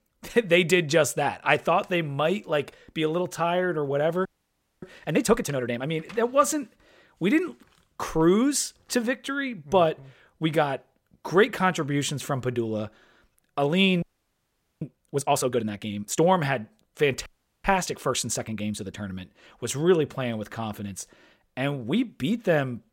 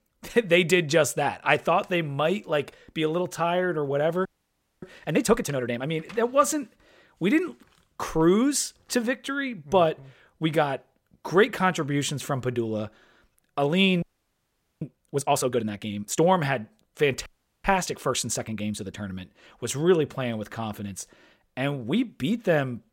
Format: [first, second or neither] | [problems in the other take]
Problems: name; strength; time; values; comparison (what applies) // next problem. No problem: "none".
neither | audio freezing; at 4.5 s for 0.5 s, at 14 s for 1 s and at 17 s; the same in both